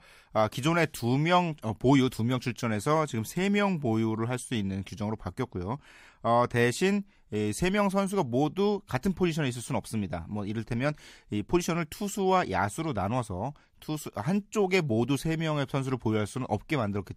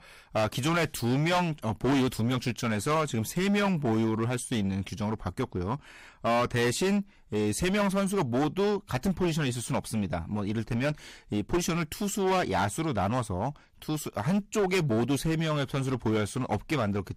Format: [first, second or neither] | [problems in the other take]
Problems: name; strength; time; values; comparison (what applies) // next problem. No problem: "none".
first | distortion; heavy; 13% of the sound clipped